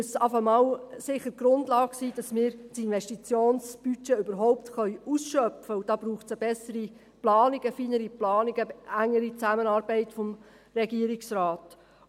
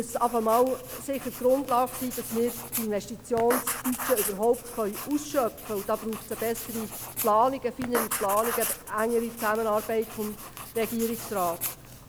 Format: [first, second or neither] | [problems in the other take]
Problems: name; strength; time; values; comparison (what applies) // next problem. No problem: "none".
first | background sound (Writing); 8 dB below the speech